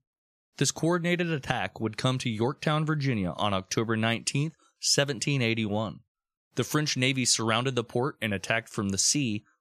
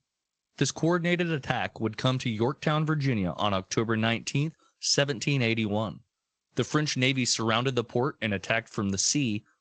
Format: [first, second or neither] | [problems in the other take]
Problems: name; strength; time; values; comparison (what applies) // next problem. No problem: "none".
first | garbled, watery; slightly; nothing above 7.5 kHz